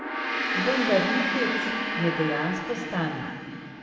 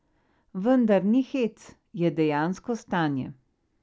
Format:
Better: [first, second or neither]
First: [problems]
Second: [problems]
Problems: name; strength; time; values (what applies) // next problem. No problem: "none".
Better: second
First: background sound (Gong); 1 dB below the speech // room echo; dies away in 2.5 s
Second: none